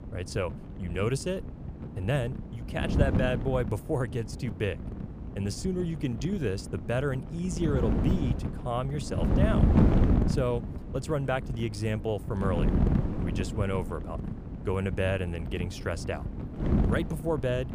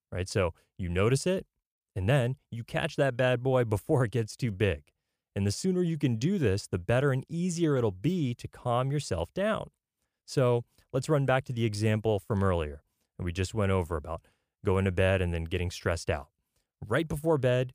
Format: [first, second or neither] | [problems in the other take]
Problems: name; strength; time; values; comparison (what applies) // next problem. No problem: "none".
second | wind noise on the microphone; heavy; 5 dB below the speech